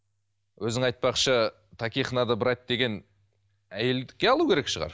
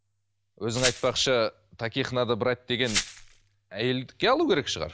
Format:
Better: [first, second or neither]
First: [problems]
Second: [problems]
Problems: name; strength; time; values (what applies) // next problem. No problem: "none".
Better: first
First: none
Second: background sound (Glass); 6 dB below the speech